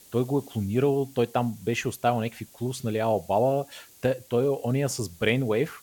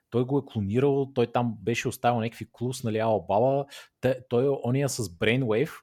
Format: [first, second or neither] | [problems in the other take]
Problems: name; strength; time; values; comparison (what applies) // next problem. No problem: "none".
second | hiss; faint; throughout; 25 dB below the speech